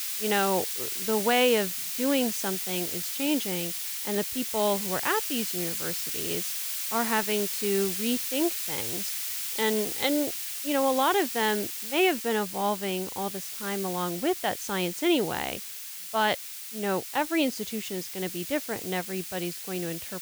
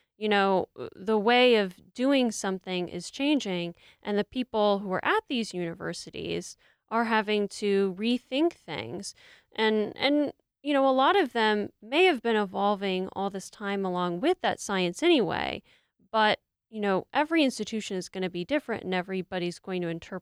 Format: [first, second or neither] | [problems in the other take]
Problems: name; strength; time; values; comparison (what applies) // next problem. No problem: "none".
second | hiss; loud; throughout; 2 dB below the speech